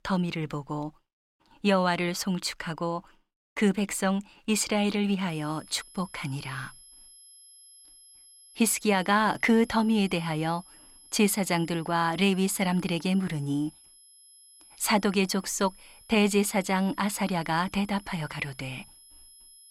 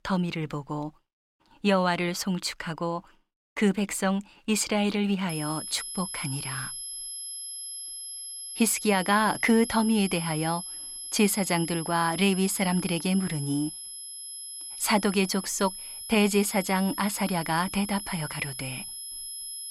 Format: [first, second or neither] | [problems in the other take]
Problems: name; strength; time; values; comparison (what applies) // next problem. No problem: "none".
first | high-pitched whine; loud; from 5.5 s on; 11 kHz, 8 dB below the speech; faint in the first